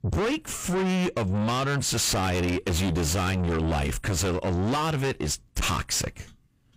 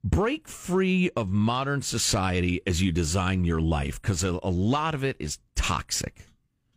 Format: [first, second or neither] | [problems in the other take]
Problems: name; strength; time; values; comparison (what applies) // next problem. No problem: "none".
second | distortion; heavy; 6 dB below the speech